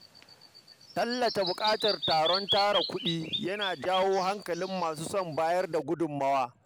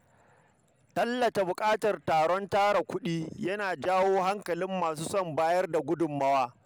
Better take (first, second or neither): second